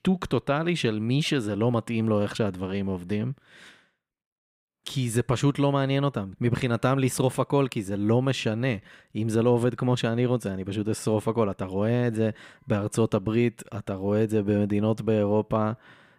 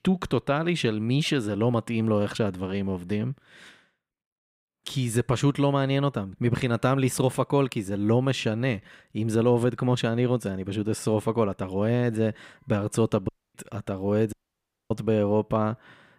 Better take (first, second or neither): first